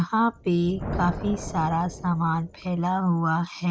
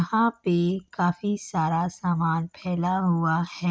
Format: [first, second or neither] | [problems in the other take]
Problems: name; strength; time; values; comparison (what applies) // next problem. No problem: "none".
second | background sound (Thunder); 12 dB below the speech